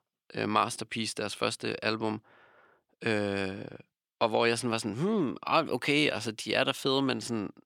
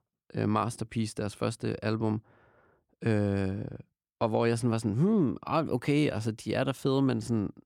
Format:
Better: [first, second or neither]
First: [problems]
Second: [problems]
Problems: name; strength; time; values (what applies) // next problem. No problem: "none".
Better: second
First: thin; somewhat; fading below 1 kHz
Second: none